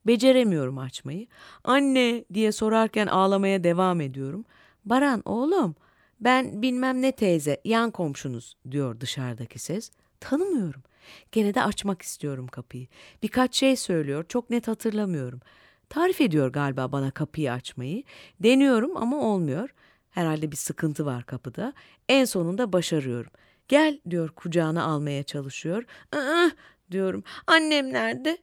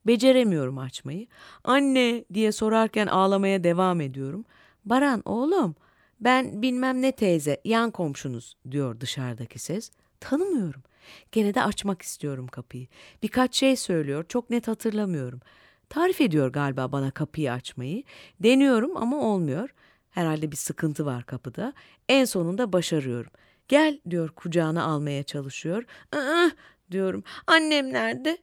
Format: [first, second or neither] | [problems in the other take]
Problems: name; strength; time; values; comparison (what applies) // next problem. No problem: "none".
neither | none